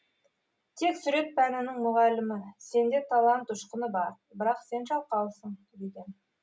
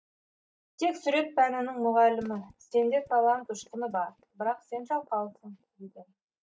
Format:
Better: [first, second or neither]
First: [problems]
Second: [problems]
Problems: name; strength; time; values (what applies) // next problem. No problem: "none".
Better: first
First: none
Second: noise reduction (neural mask model DeepFilterNet 3)